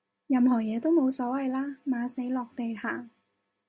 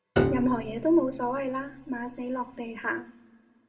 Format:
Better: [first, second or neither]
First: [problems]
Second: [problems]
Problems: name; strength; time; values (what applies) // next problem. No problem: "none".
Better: first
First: none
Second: background sound (Piano); 4 dB below the speech // room echo; dies away in 0.5 s